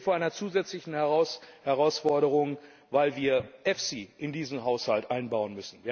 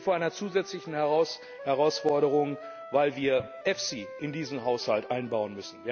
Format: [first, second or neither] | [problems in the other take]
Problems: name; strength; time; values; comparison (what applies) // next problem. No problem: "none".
first | background sound (Wind instrument, woodwind instrument); 16 dB below the speech